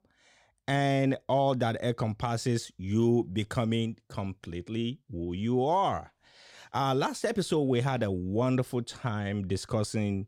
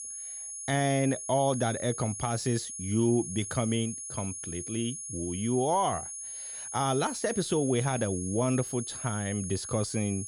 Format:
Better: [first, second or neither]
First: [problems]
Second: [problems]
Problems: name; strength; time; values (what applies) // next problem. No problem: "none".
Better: first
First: none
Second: high-pitched whine; loud; throughout; 10 kHz, 7 dB below the speech